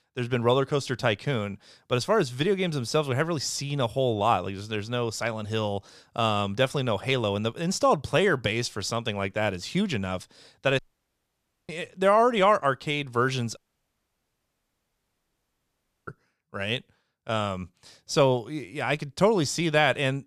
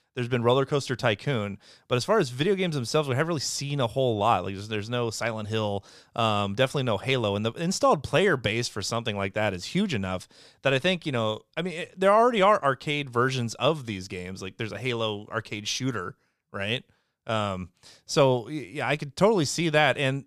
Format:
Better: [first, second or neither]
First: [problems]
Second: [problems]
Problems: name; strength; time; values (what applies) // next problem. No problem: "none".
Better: second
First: audio cutting out; at 11 s for 1 s and at 14 s for 2.5 s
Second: none